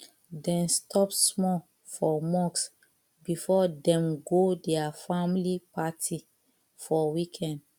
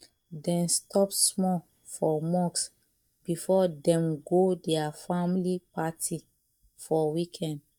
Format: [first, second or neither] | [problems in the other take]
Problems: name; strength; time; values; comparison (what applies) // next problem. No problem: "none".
first | noise reduction (neural mask model DeepFilterNet 3)